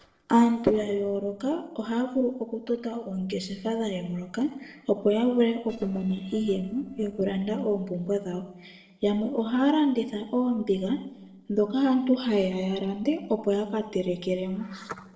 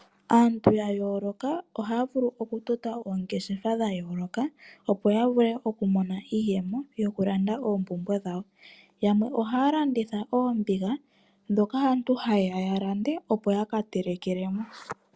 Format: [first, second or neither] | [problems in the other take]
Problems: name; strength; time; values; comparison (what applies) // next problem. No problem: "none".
second | noise reduction (neural separator model SepFormer DNS4)